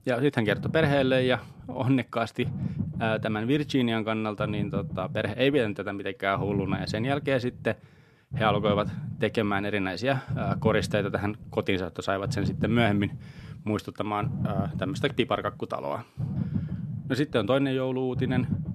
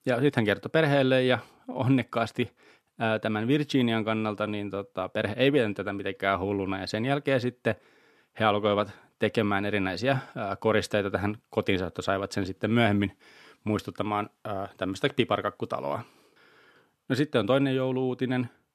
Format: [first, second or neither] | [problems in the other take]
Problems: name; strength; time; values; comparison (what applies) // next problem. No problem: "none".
second | low rumble; noticeable; throughout; 15 dB below the speech